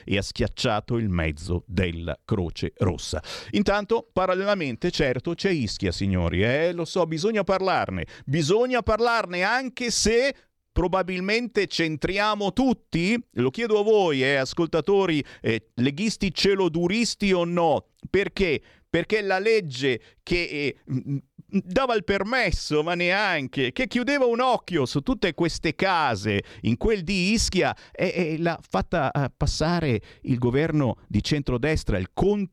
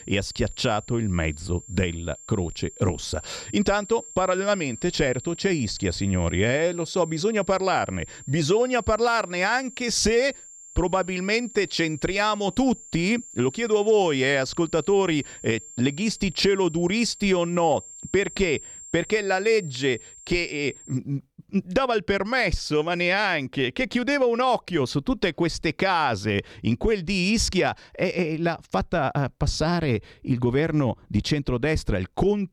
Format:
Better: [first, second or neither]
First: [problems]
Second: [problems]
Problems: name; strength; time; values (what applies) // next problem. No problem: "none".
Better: first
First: none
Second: high-pitched whine; noticeable; until 21 s; 7.5 kHz, 15 dB below the speech